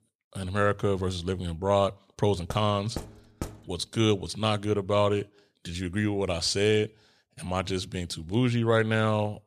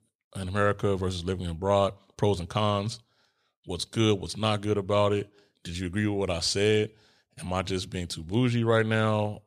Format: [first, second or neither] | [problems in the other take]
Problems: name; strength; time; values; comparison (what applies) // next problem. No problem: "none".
second | door banging; faint; from 2.5 to 3.5 s; peak 15 dB below the speech